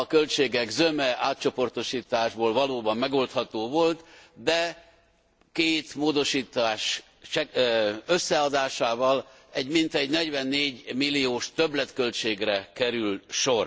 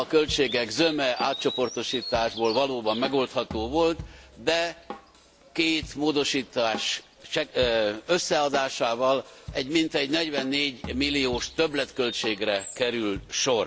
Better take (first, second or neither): first